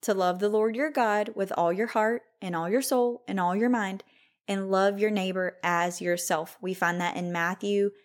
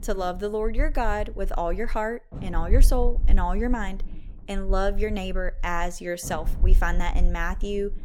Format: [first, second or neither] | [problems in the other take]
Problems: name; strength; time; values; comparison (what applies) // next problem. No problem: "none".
first | low rumble; faint; throughout; 20 dB below the speech